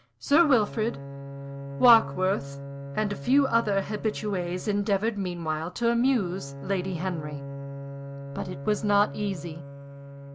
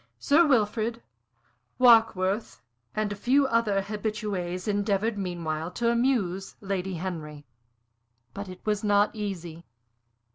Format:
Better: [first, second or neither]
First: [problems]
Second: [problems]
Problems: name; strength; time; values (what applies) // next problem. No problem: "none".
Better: second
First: background sound (Bowed string instrument); 11 dB below the speech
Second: none